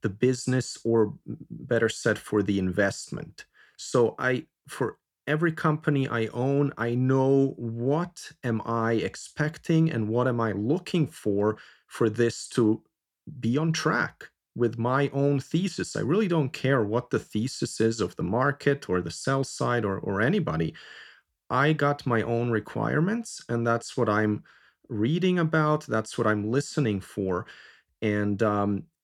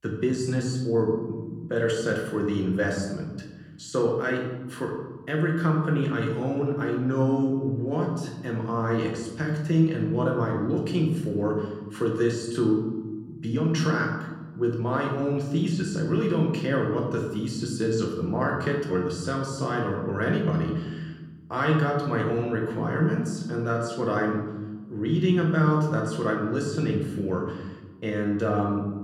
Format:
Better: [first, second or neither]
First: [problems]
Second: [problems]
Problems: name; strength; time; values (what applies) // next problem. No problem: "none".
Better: first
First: none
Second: room echo; noticeable; dies away in 1.2 s // off-mic speech; somewhat distant